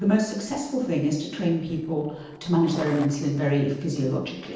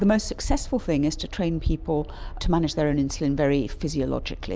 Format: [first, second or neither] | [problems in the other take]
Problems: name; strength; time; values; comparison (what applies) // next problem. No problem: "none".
second | noise reduction (neural separator model SepFormer DNS4)